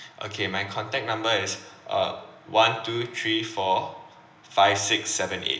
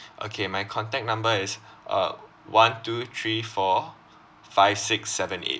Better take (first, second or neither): second